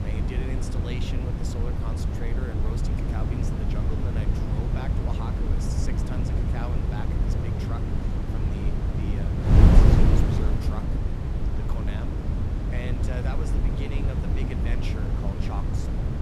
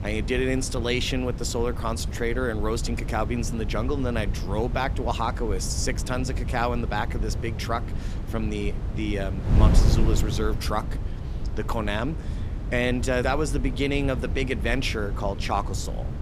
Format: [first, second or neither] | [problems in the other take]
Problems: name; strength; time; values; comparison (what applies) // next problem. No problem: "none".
second | wind noise on the microphone; heavy; 5 dB above the speech; occasional gusts in the second